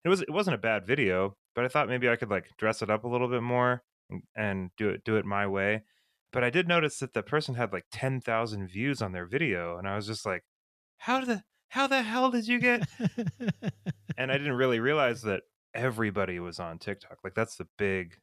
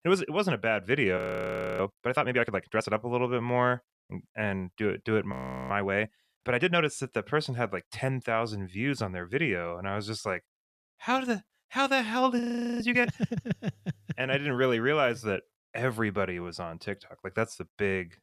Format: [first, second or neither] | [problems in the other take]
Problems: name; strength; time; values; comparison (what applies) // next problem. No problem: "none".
first | audio freezing; at 1 s for 0.5 s, at 5.5 s and at 12 s